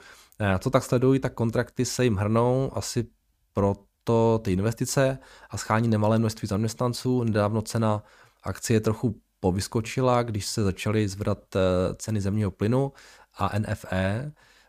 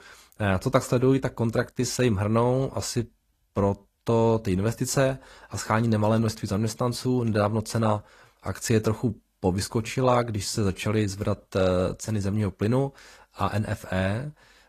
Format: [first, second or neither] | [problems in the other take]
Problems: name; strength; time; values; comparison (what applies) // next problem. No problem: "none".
first | garbled, watery; slightly; nothing above 14.5 kHz